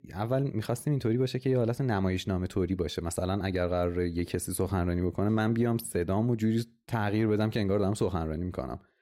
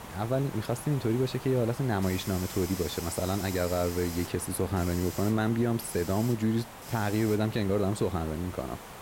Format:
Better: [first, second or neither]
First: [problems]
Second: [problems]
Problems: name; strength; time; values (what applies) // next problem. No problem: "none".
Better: first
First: none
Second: hiss; noticeable; throughout; 10 dB below the speech